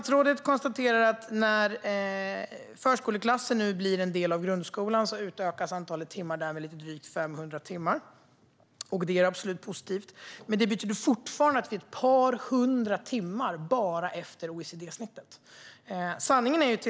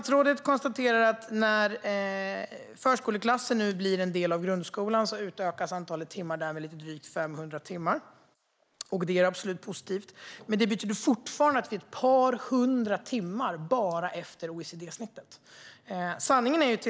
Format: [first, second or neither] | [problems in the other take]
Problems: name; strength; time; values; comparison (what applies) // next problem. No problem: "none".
first | noise reduction (neural mask model Resemble Enhance denoiser)